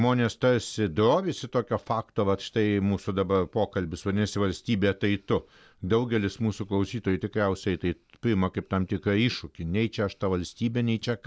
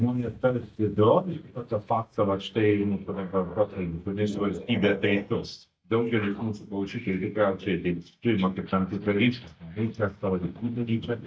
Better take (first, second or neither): first